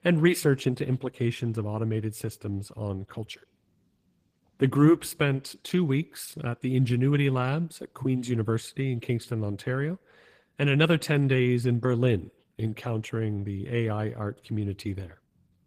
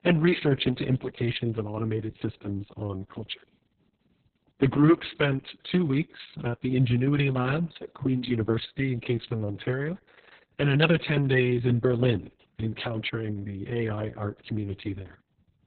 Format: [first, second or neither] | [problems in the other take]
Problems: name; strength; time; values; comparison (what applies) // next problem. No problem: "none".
first | garbled, watery; badly; nothing above 4 kHz; slightly in the first